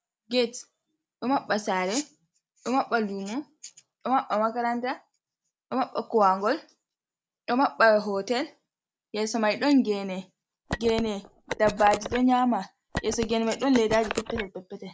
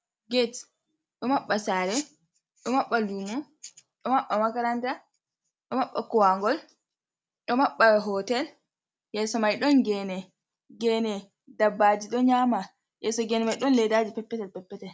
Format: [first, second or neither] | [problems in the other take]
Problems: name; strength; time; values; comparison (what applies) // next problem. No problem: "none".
second | background sound (Telephone); 8 dB below the speech